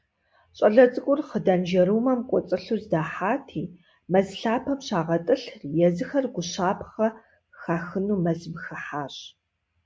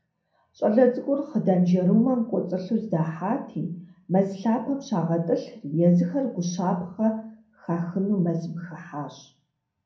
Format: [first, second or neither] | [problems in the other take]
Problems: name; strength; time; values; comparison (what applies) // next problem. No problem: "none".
first | room echo; dies away in 0.6 s